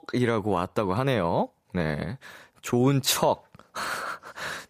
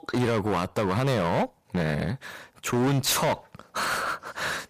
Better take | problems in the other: first | distortion; heavy; 19% of the sound clipped

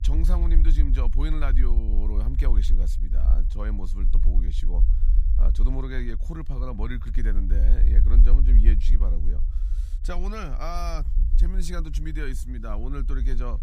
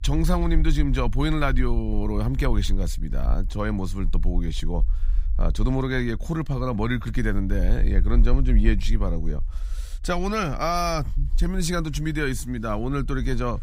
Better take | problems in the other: second | low rumble; loud; throughout; 9 dB below the speech; faint in the second

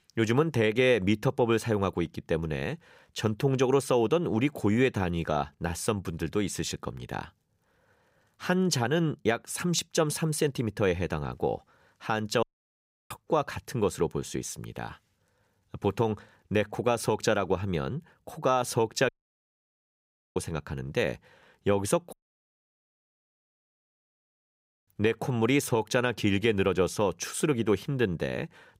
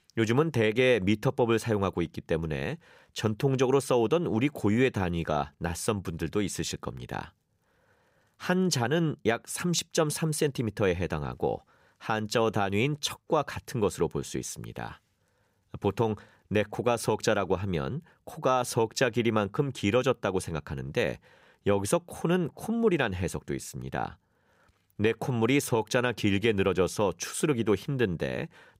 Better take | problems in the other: second | audio cutting out; at 12 s for 0.5 s, at 19 s for 1.5 s and at 22 s for 2.5 s

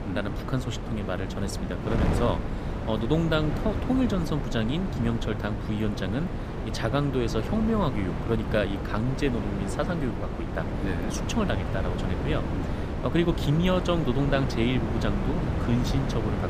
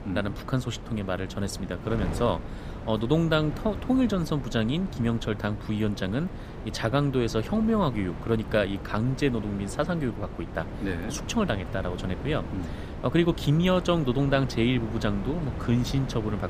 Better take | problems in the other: second | wind noise on the microphone; heavy; 4 dB below the speech; occasional gusts in the second

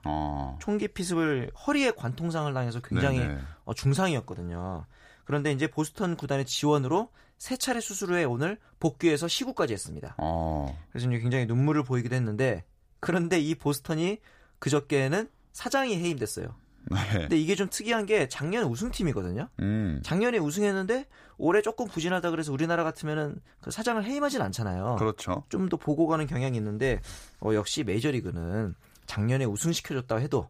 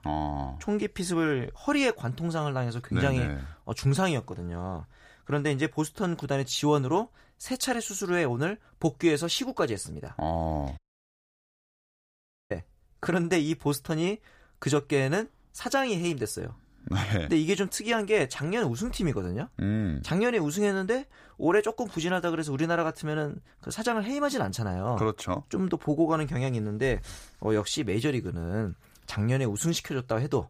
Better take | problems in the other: first | audio cutting out; at 11 s for 1.5 s

